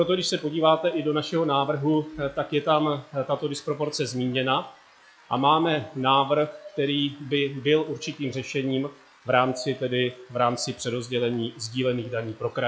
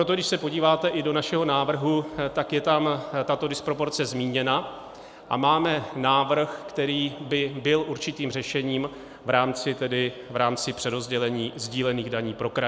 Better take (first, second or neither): second